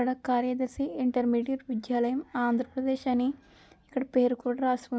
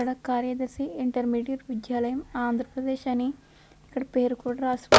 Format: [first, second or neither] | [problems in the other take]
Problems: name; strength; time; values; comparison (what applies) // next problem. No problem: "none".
first | background sound (Telephone); 3 dB below the speech